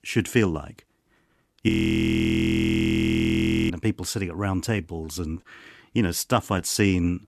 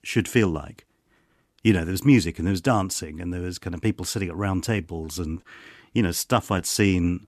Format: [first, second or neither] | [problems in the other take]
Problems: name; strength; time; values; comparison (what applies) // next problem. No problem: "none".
second | audio freezing; at 1.5 s for 2 s